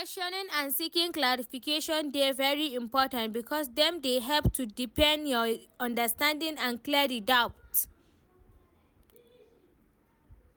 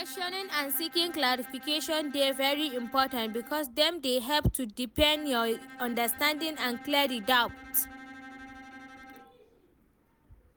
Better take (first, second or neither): first